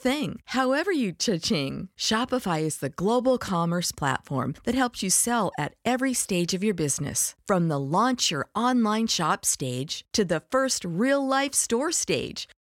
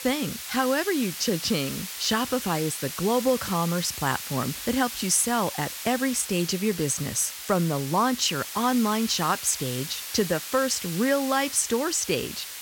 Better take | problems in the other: first | hiss; loud; throughout; 8 dB below the speech

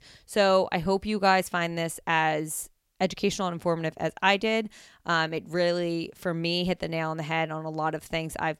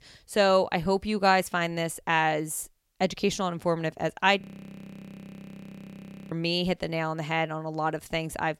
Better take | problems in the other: first | audio freezing; at 4.5 s for 2 s

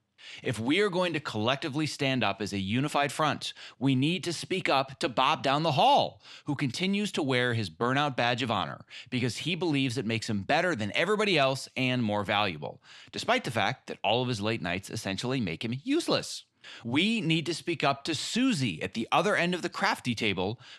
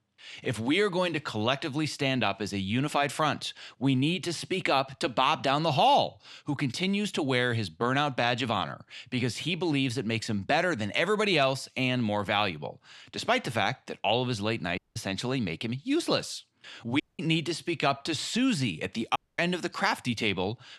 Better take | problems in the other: first | audio cutting out; at 15 s, at 17 s and at 19 s

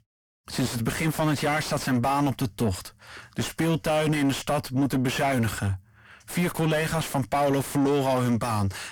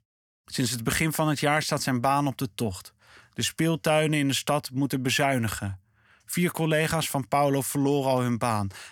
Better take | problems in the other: second | distortion; heavy; 6 dB below the speech

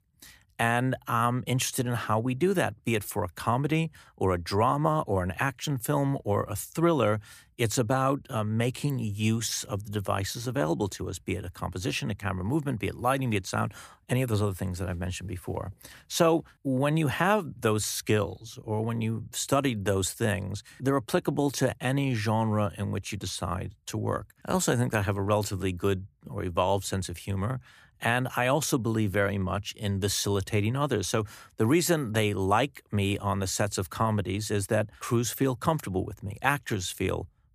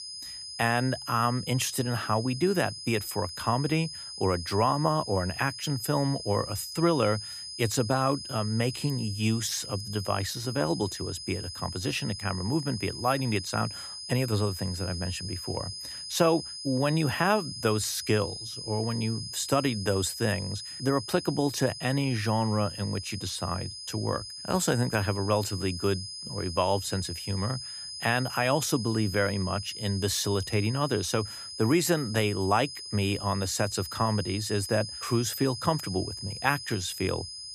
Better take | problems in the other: first | high-pitched whine; loud; throughout; 5 kHz, 8 dB below the speech

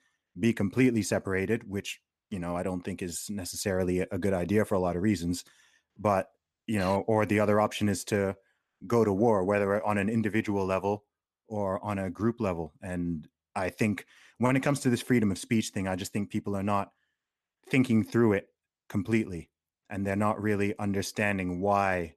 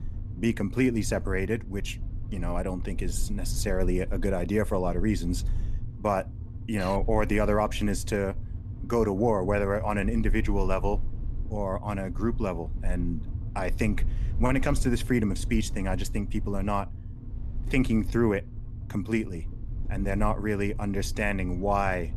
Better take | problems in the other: first | low rumble; faint; throughout; 20 dB below the speech

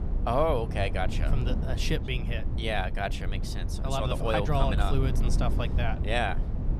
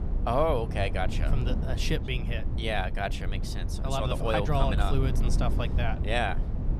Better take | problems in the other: neither | low rumble; noticeable; throughout; 10 dB below the speech; the same in both

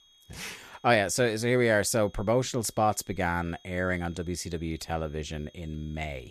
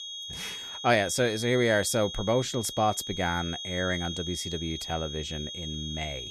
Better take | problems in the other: first | high-pitched whine; loud; throughout; 3.5 kHz, 7 dB below the speech; faint in the first

